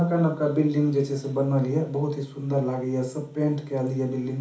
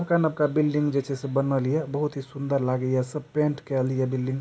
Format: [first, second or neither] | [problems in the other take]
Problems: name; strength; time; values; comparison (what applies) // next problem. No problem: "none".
second | room echo; dies away in 0.4 s